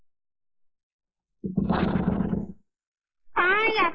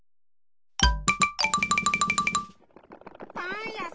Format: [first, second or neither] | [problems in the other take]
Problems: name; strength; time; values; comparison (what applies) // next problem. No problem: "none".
second | noise reduction (neural mask model Resemble Enhance denoiser)